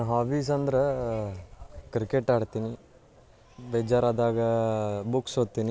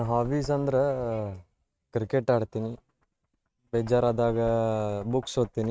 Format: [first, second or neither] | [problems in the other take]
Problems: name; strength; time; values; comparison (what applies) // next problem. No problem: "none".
first | noise reduction (neural mask model RNNoise)